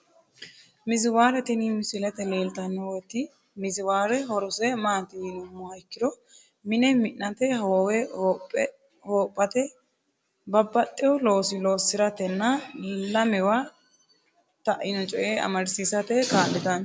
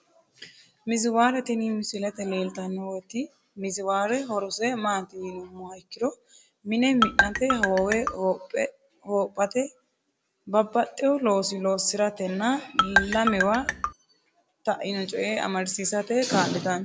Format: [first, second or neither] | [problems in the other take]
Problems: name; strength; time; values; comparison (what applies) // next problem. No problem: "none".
first | background sound (Marimba, xylophone); 1 dB above the speech